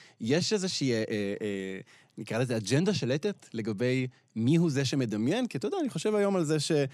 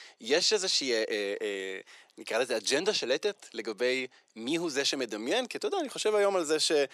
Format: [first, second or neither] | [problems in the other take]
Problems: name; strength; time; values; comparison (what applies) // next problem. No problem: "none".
first | thin; very; fading below 400 Hz